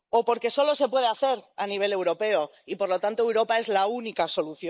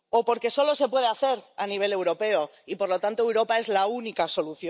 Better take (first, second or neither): second